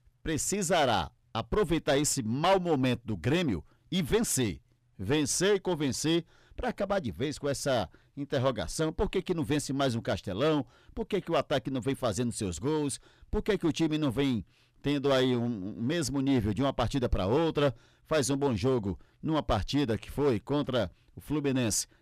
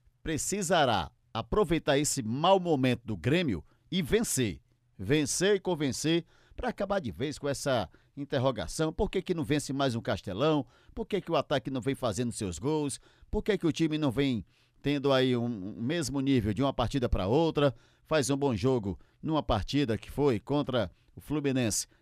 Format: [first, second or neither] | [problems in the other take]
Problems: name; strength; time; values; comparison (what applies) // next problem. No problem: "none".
second | distortion; slight; 5% of the sound clipped